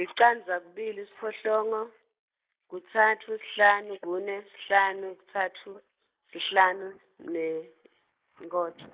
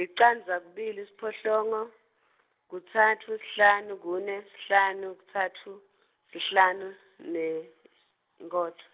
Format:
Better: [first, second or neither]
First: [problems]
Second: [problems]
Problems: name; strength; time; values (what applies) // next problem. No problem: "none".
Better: second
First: noise reduction (neural mask model Resemble Enhance denoiser)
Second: none